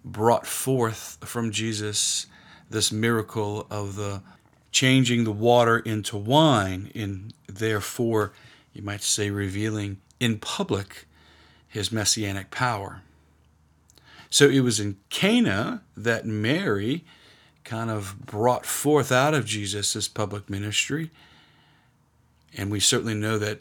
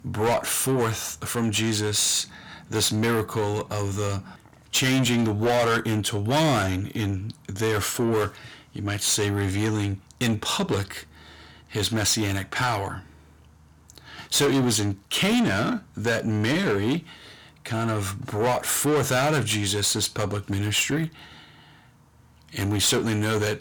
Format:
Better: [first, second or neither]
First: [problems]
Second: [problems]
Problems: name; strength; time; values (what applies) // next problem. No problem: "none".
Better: first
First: none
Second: distortion; heavy; 6 dB below the speech